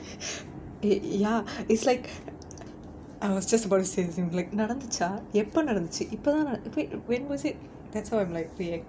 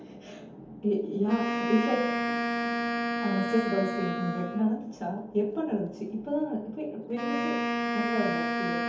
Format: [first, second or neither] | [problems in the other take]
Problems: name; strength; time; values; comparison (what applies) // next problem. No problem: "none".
first | background sound (Wind instrument, woodwind instrument); 1 dB below the speech // room echo; dies away in 0.6 s